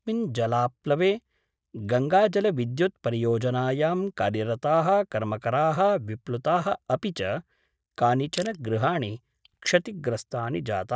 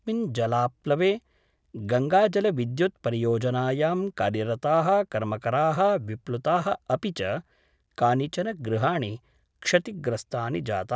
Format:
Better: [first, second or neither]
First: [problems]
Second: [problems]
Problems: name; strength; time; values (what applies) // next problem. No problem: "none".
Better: second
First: noise reduction (neural mask model DeepFilterNet 3)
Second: none